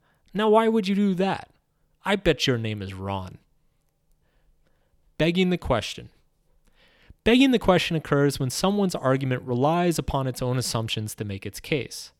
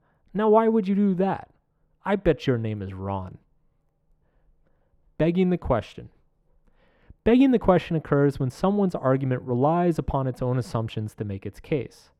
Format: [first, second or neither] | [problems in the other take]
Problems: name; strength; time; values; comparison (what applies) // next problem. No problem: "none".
first | muffled; very; fading above 2 kHz